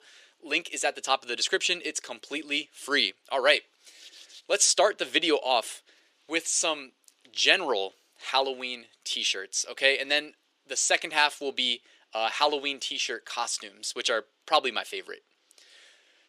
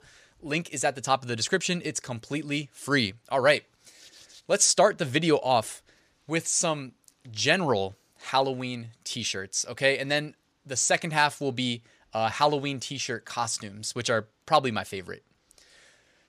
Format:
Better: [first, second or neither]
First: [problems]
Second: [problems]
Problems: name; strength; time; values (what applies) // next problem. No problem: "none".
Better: second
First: thin; somewhat; fading below 350 Hz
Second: none